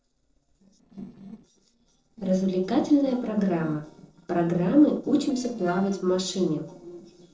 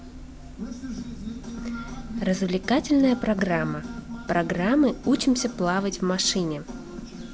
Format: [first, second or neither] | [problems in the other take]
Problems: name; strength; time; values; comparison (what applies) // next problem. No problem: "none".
second | noise reduction (neural separator model SepFormer DNS4)